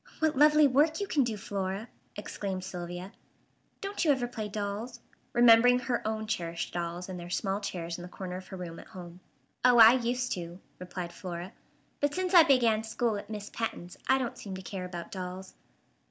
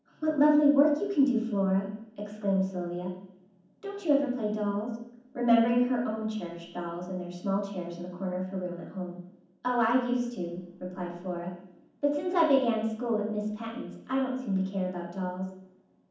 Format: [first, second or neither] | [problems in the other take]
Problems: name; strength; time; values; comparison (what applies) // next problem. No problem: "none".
first | room echo; dies away in 1.2 s